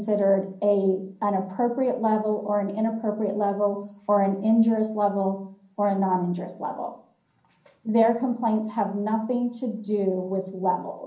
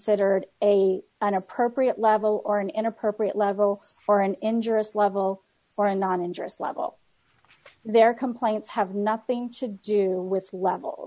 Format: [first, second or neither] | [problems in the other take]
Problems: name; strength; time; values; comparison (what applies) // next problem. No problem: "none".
second | room echo; dies away in 0.6 s